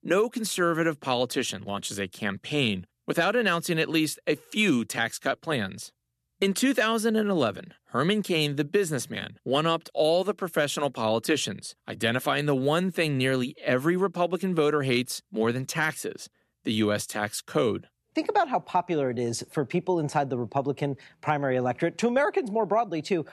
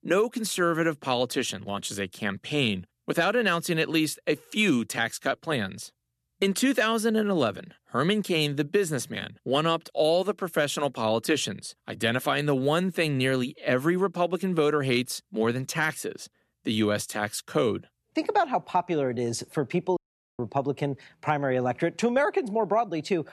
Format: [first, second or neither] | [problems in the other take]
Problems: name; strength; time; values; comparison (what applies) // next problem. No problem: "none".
first | audio cutting out; at 20 s